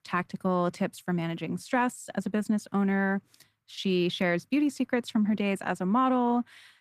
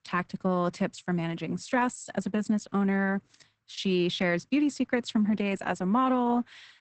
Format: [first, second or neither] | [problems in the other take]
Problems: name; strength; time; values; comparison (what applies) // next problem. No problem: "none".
first | garbled, watery; badly; nothing above 8 kHz; slightly in the first